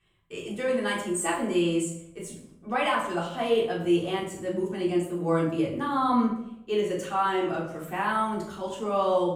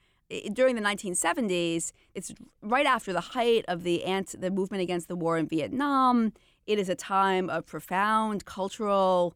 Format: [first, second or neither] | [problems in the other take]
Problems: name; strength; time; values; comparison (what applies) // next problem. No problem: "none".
second | off-mic speech; far // room echo; noticeable; dies away in 0.7 s